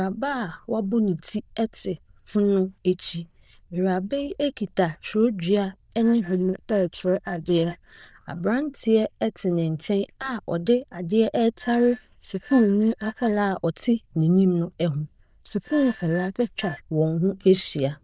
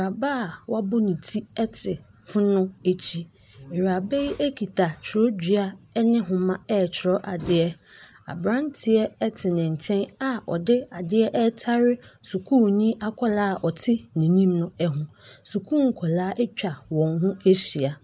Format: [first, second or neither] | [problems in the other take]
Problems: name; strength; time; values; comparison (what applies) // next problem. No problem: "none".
second | noise reduction (neural diffusion model UNIVERSE++)